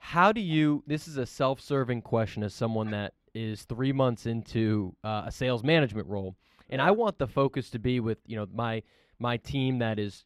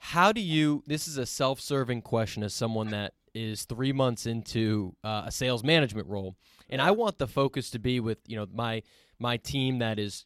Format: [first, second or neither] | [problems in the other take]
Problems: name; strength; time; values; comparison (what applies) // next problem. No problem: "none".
second | muffled; slightly; fading above 3.5 kHz